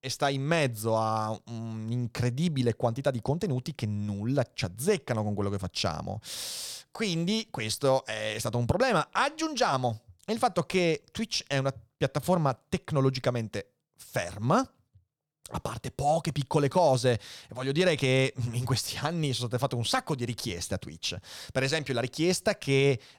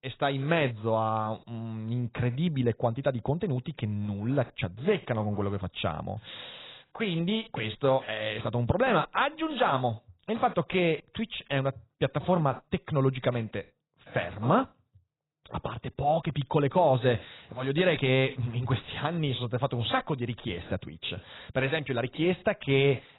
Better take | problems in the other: first | garbled, watery; badly; nothing above 4 kHz

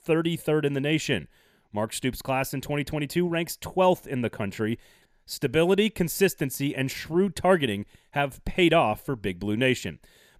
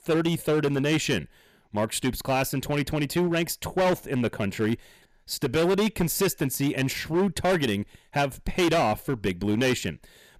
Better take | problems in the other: first | distortion; heavy; 11% of the sound clipped

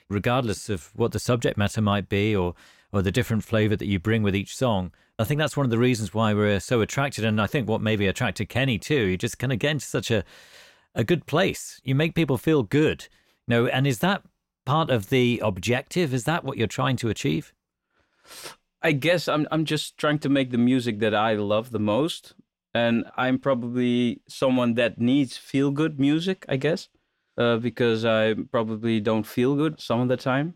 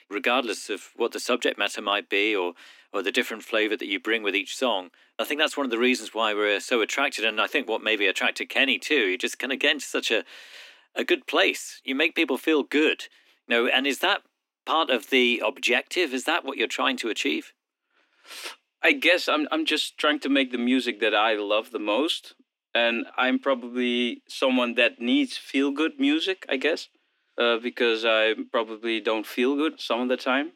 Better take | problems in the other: first | thin; very slightly; fading below 250 Hz

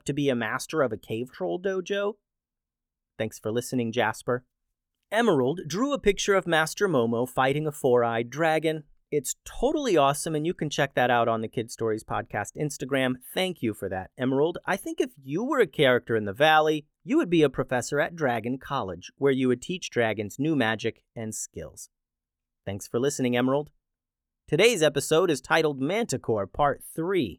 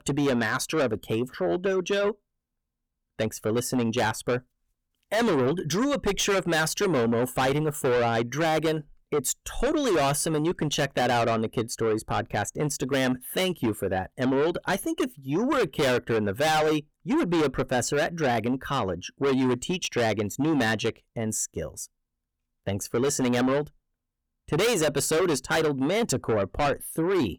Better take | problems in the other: first | distortion; heavy; 6 dB below the speech

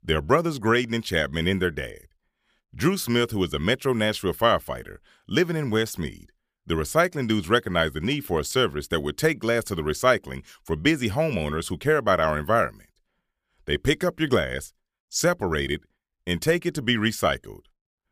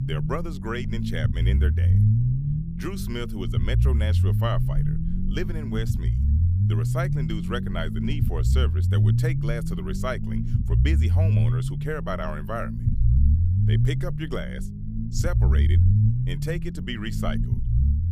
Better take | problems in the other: first | low rumble; loud; throughout; 3 dB below the speech

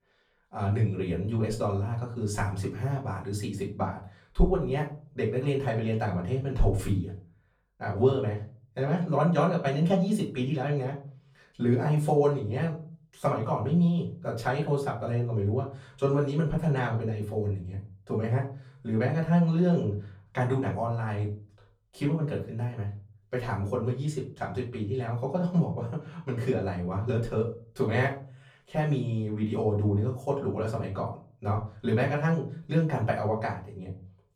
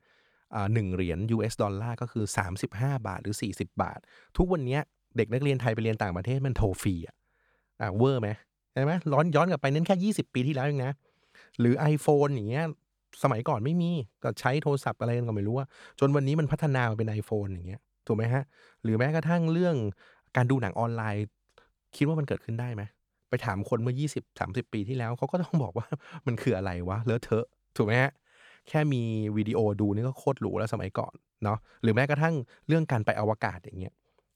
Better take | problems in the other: second | off-mic speech; far // room echo; slight; dies away in 0.4 s

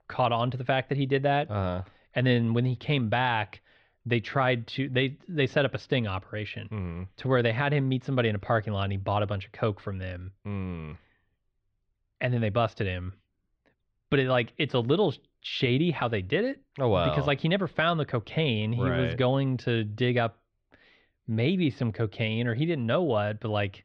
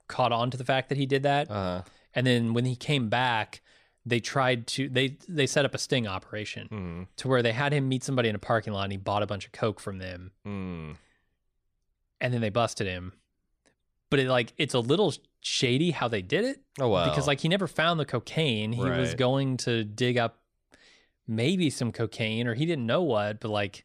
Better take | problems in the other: second | muffled; slightly; fading above 3.5 kHz

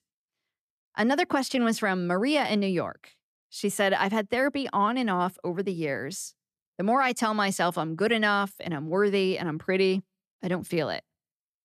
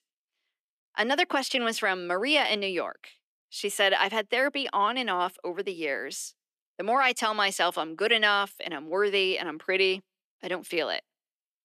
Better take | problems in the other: first | thin; somewhat; fading below 300 Hz

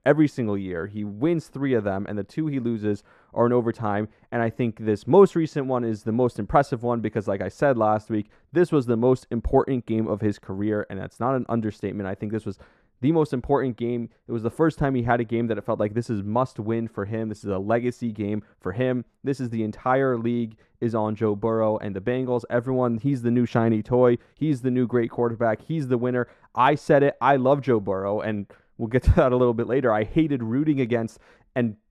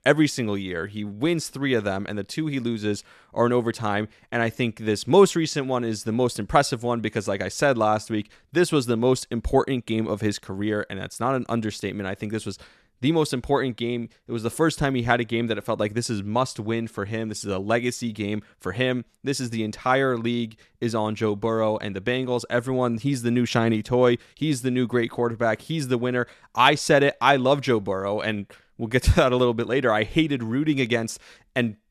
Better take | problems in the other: second | muffled; very; fading above 2 kHz

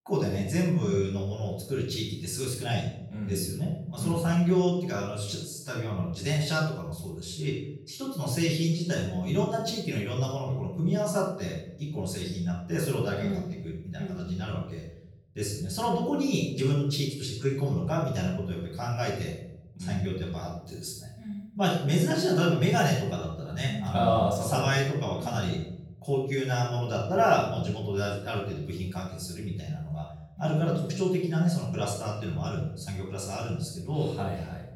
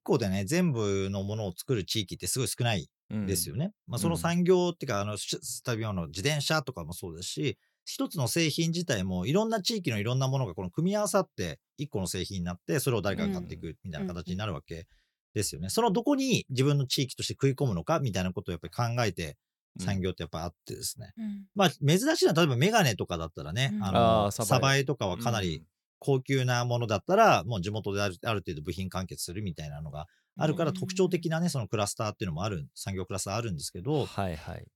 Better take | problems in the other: second | room echo; noticeable; dies away in 0.7 s // off-mic speech; far

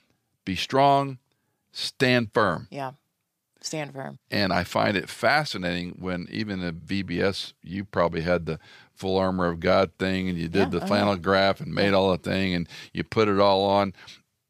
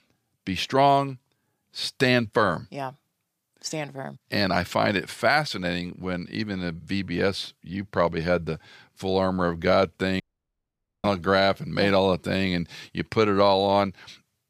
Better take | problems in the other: first | audio cutting out; at 10 s for 1 s

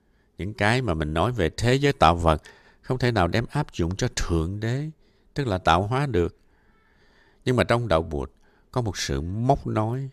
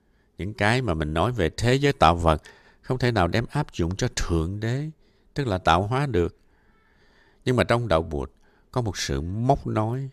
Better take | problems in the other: neither | none

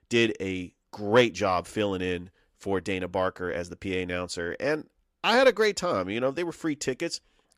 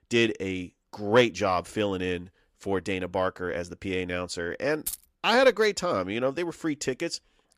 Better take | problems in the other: first | jangling keys; noticeable; at 5 s; peak 7 dB below the speech

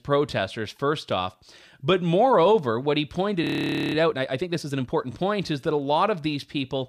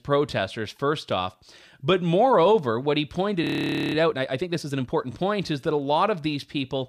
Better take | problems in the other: neither | audio freezing; at 3.5 s for 0.5 s; the same in both

